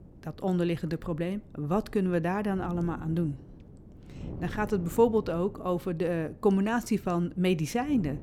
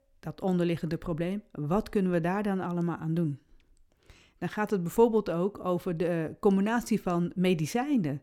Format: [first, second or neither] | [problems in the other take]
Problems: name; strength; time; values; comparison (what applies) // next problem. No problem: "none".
second | wind noise on the microphone; occasional gusts; 20 dB below the speech